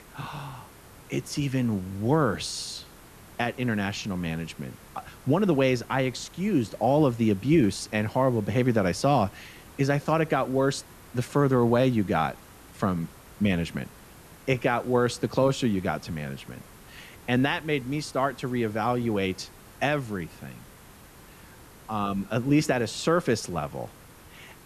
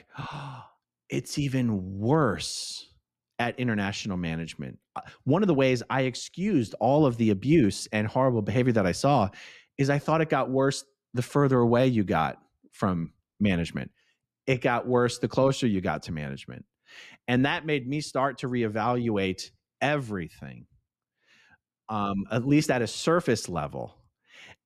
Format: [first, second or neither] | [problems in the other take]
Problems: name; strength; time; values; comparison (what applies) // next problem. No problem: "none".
second | hiss; faint; throughout; 20 dB below the speech